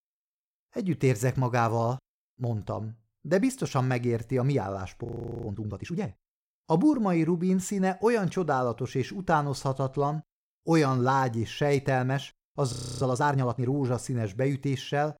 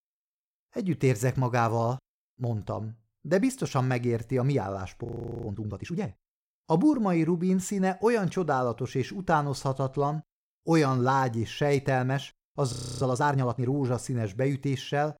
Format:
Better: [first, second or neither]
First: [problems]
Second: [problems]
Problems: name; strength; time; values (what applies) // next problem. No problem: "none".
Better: neither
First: audio freezing; at 5 s and at 13 s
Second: audio freezing; at 5 s and at 13 s